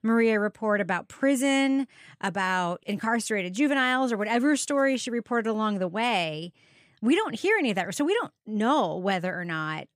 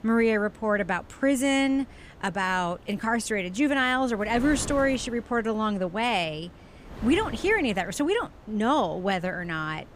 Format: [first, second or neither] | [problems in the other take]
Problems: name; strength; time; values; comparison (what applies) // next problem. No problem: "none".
first | wind noise on the microphone; occasional gusts; 20 dB below the speech